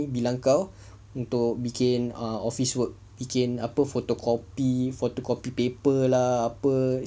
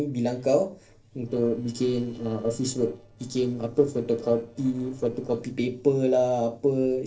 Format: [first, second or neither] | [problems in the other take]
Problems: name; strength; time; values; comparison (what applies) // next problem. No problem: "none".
first | noise reduction (neural separator model SepFormer DNS4)